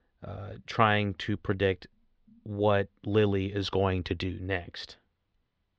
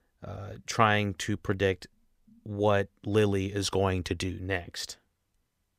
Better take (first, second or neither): second